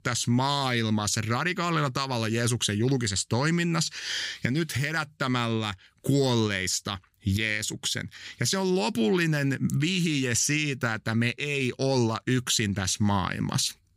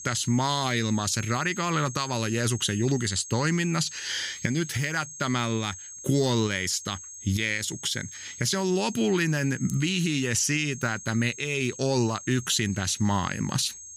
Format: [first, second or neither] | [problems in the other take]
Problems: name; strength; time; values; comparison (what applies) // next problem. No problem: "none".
first | high-pitched whine; noticeable; throughout; 6.5 kHz, 10 dB below the speech